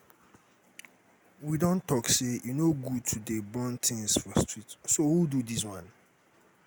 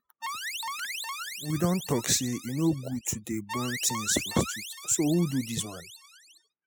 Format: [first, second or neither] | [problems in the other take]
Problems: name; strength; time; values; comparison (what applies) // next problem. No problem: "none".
first | noise reduction (classical method spectral subtraction)